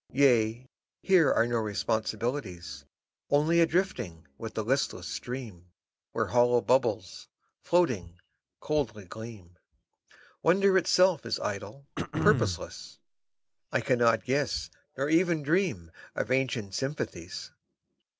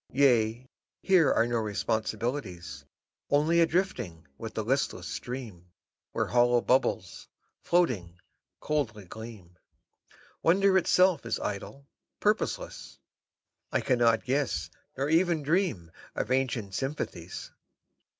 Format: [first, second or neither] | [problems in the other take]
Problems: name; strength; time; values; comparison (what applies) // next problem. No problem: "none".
second | background sound (Cough); 5 dB below the speech